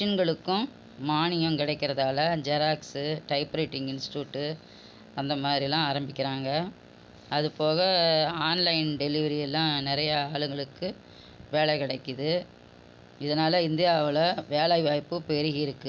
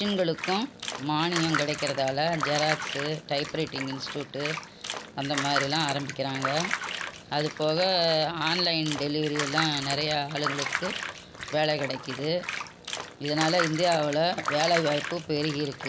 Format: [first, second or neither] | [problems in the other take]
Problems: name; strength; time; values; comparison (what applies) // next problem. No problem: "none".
first | background sound (Bathtub (filling or washing)); 6 dB below the speech